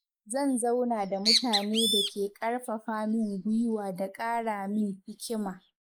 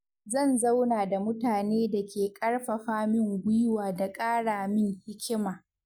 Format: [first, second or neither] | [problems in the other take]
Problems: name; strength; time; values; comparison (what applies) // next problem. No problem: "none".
second | noise reduction (neural mask model Resemble Enhance denoiser)